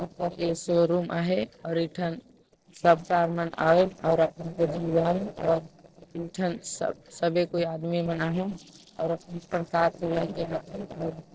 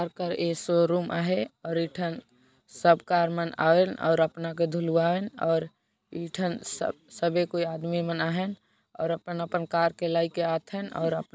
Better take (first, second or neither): second